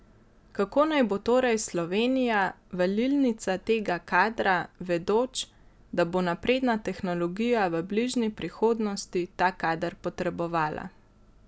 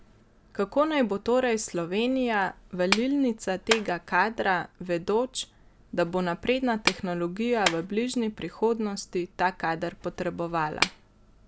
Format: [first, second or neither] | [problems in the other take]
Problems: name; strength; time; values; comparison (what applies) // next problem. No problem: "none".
first | background sound (Clapping); 10 dB below the speech